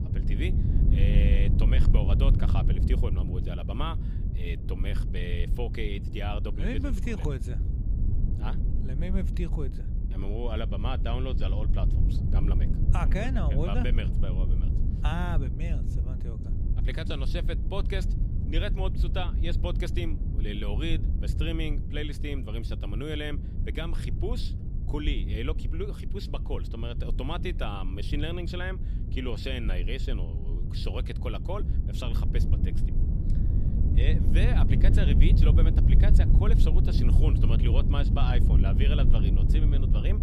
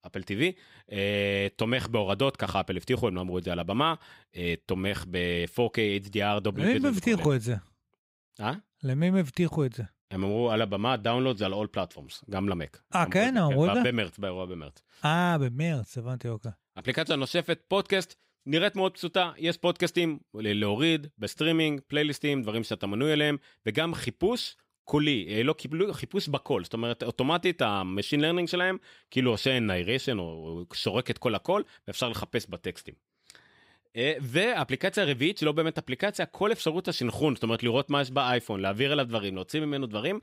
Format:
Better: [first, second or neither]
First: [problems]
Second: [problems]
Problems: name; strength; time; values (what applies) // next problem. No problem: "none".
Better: second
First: low rumble; loud; throughout; 5 dB below the speech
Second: none